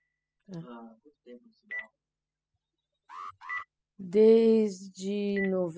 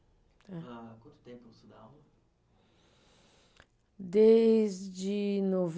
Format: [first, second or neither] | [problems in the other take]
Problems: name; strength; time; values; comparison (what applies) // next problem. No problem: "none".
second | noise reduction (classical method spectral subtraction)